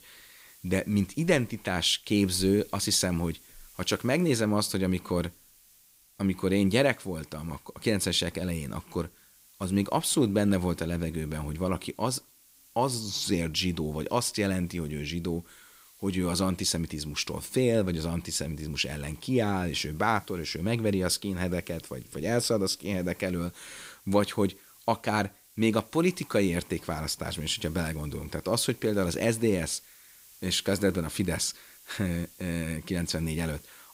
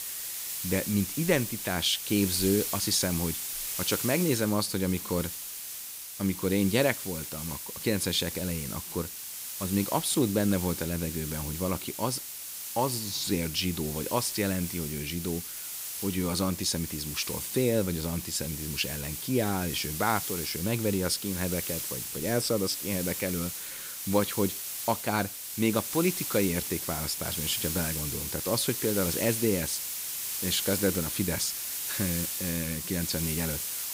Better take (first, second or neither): first